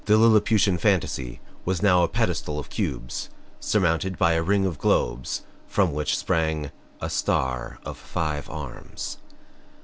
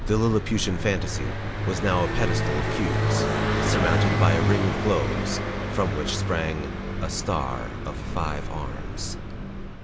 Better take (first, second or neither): first